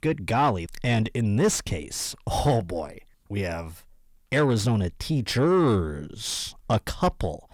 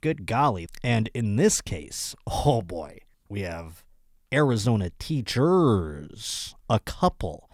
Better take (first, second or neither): second